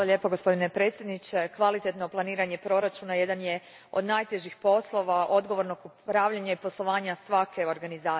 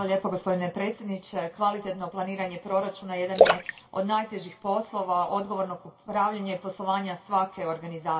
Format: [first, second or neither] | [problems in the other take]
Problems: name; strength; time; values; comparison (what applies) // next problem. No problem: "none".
first | background sound (Splash, splatter); 3 dB above the speech // room echo; dies away in 0.2 s